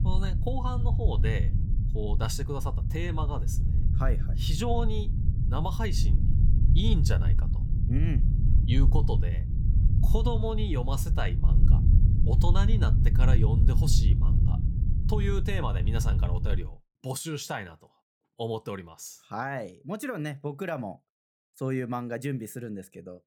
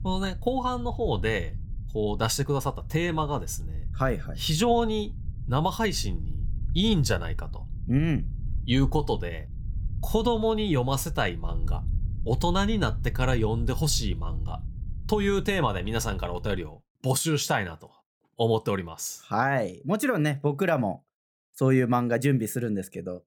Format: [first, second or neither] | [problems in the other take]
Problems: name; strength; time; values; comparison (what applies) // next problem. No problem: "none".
second | low rumble; loud; until 17 s; 6 dB below the speech; faint in the second